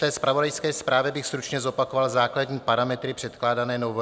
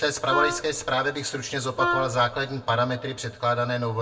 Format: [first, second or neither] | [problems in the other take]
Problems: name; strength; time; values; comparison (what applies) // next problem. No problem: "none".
first | background sound (Wind instrument, woodwind instrument); 3 dB below the speech // room echo; dies away in 0.2 s